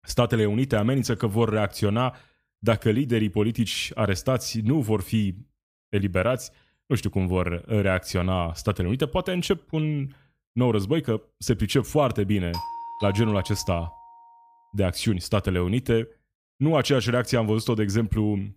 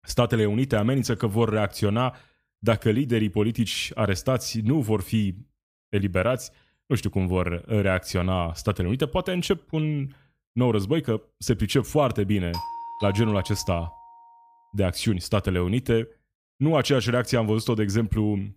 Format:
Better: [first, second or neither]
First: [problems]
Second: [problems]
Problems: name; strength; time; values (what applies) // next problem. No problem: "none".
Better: neither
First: doorbell; noticeable; from 13 to 14 s; peak 9 dB below the speech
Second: doorbell; noticeable; from 13 to 14 s; peak 9 dB below the speech